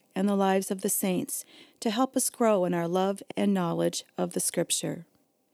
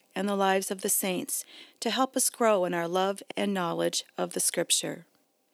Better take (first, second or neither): first